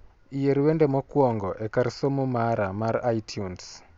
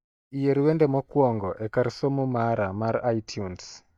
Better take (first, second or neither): first